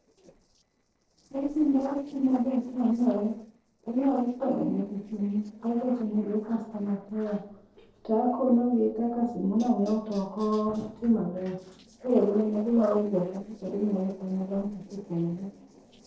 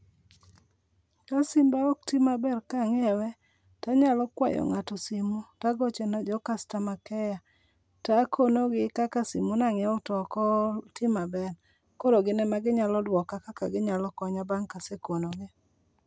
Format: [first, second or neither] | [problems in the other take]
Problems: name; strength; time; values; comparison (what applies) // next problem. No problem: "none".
second | noise reduction (neural separator model SepFormer DNS4)